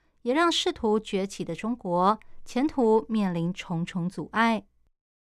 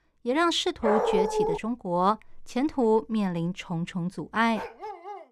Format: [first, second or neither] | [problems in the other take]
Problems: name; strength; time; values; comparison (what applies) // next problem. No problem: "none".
first | dog barking; loud; at 1 s; peak 2 dB above the speech // dog barking; faint; at 4.5 s; peak 10 dB below the speech